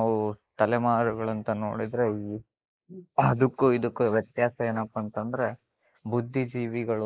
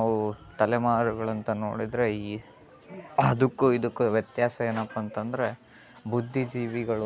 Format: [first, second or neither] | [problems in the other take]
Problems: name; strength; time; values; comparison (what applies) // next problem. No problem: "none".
second | noise reduction (neural mask model Resemble Enhance denoiser)